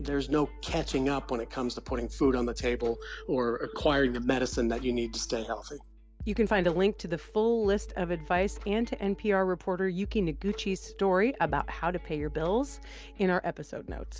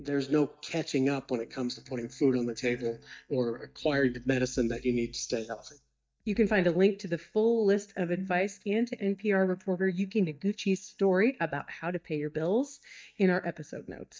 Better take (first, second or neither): first